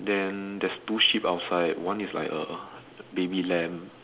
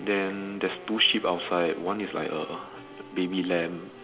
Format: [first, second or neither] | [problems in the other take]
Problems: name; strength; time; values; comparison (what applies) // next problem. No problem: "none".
first | background sound (Wind instrument, woodwind instrument + Wind instrument, woodwind instrument); 17 dB below the speech